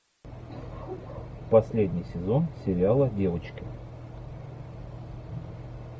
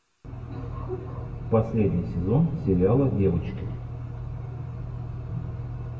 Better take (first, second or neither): first